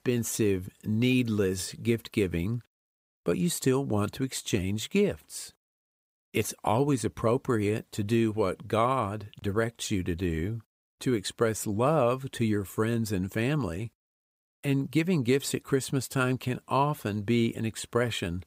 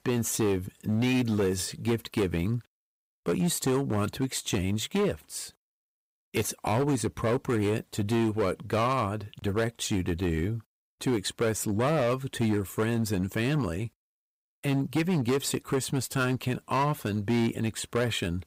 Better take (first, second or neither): first